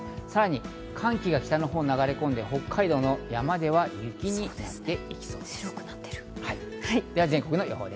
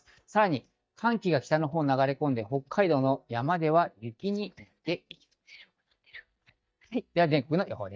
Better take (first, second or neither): first